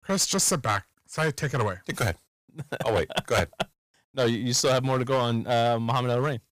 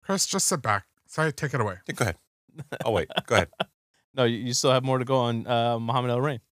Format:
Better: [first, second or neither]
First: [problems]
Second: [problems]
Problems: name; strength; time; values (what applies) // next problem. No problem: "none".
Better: second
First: distortion; heavy; 7% of the sound clipped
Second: none